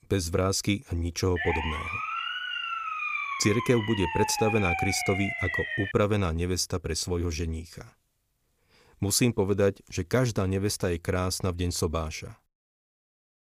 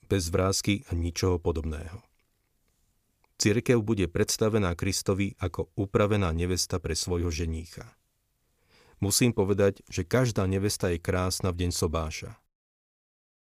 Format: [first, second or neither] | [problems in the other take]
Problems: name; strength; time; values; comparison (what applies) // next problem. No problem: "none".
second | siren; noticeable; from 1.5 to 6 s; peak 1 dB below the speech